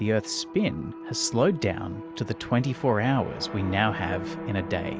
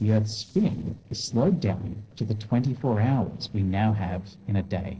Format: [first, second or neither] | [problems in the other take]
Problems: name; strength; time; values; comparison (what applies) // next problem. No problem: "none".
first | noise reduction (neural separator model SepFormer DNS4)